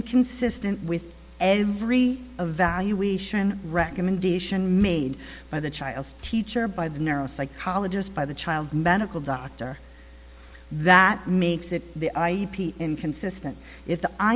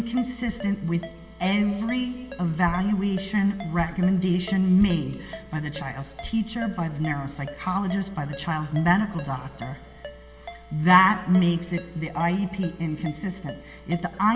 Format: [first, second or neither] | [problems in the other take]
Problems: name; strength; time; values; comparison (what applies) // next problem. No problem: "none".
first | background sound (Ringtone); 18 dB below the speech // room echo; dies away in 2.1 s